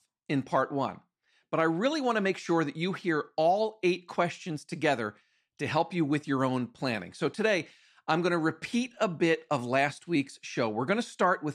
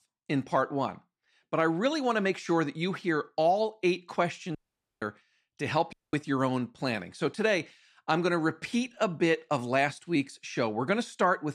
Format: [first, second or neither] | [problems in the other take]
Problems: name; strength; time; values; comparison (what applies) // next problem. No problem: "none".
first | audio cutting out; at 4.5 s and at 6 s